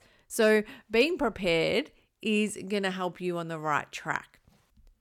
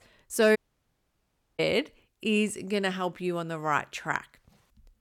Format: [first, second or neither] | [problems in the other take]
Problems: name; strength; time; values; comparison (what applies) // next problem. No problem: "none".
first | audio cutting out; at 0.5 s for 1 s